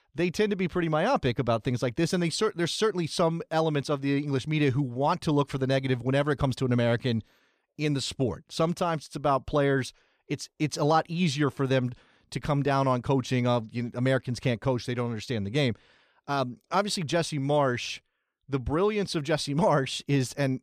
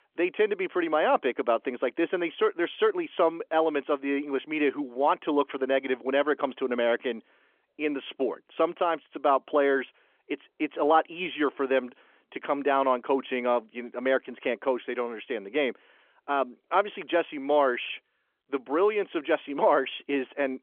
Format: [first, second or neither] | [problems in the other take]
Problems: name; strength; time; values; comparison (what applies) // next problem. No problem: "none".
first | phone-call audio; nothing above 3.5 kHz